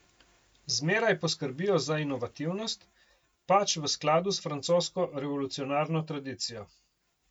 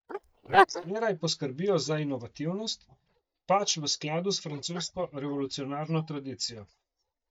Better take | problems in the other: first | noise reduction (neural mask model DeepFilterNet 3)

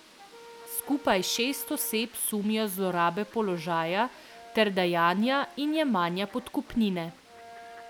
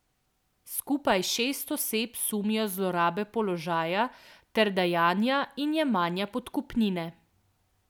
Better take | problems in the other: second | background sound (Fowl + Brass instrument); 20 dB below the speech

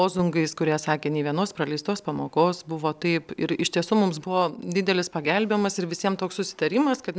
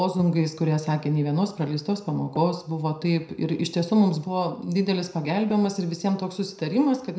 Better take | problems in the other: first | background sound (Tap); 19 dB below the speech // room echo; dies away in 0.5 s

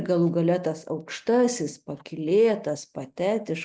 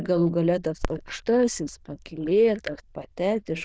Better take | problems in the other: first | noise reduction (neural diffusion model UNIVERSE++)

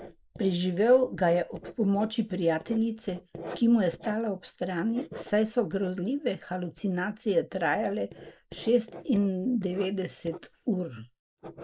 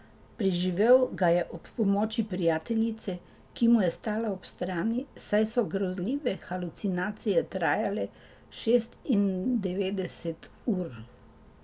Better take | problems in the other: second | noise reduction (neural mask model Resemble Enhance denoiser)

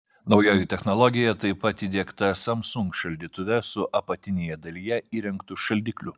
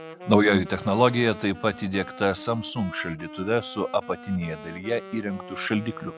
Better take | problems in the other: first | background sound (Wind instrument, woodwind instrument); 16 dB below the speech

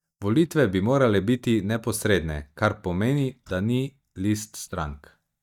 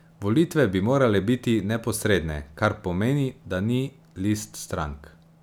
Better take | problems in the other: second | noise reduction (neural mask model DeepFilterNet 3)

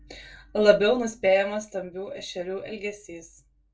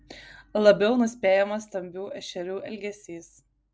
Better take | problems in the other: second | room echo; dies away in 0.2 s

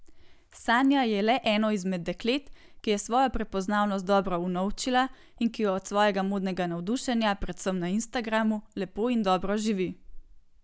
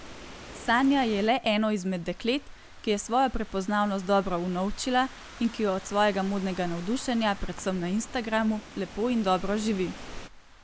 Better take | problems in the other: first | background sound (Rain / Thunderstorm); 16 dB below the speech

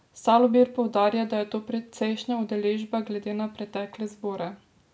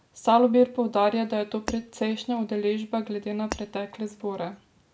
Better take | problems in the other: first | background sound (Shatter); 16 dB below the speech

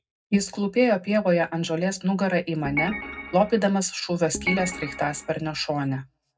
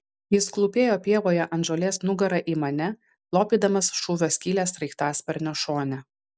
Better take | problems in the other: second | background sound (Organ); 7 dB below the speech // room echo; dies away in 0.3 s

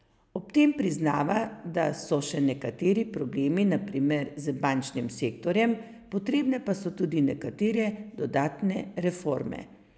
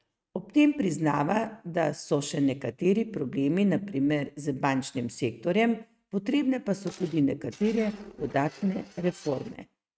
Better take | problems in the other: first | noise reduction (neural mask model RNNoise)

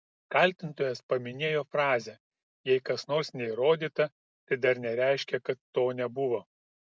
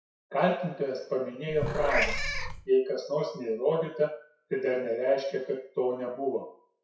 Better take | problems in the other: first | noise reduction (classical method WPE with log-MMSE)

